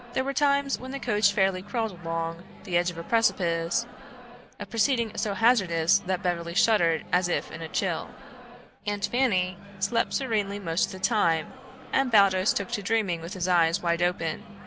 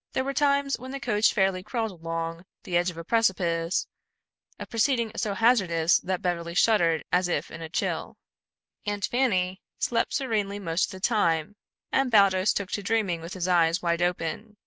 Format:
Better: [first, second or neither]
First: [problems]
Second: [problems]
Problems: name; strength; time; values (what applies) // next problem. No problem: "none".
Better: second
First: background sound (Microwave oven); 17 dB below the speech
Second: none